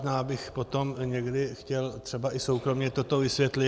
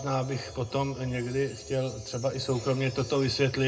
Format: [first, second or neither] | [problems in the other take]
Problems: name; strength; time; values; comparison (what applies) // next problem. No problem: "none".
first | background sound (Wind chime); 20 dB below the speech // room echo; dies away in 0.2 s